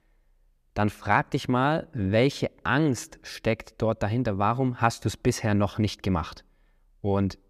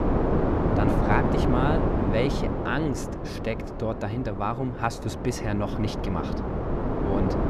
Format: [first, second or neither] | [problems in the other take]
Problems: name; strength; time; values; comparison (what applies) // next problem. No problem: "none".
first | wind noise on the microphone; heavy; as loud as the speech